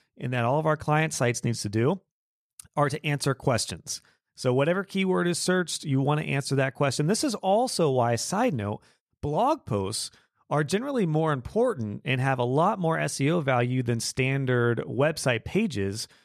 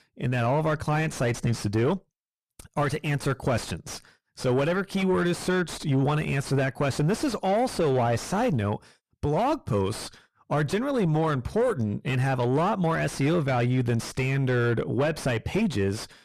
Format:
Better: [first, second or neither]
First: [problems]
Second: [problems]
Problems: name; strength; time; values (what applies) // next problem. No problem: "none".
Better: first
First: none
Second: distortion; heavy; 6 dB below the speech